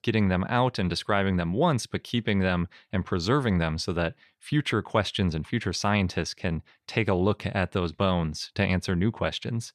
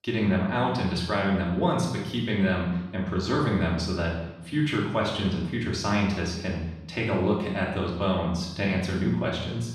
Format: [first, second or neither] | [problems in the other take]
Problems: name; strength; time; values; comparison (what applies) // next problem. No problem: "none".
first | off-mic speech; far // room echo; noticeable; dies away in 0.9 s